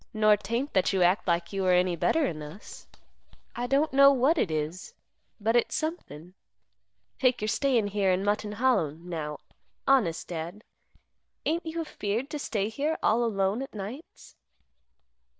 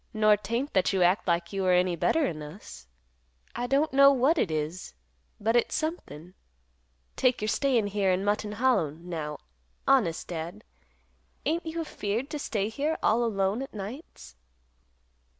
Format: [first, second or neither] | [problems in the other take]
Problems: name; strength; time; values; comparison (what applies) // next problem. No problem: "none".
second | noise reduction (neural mask model DeepFilterNet 3)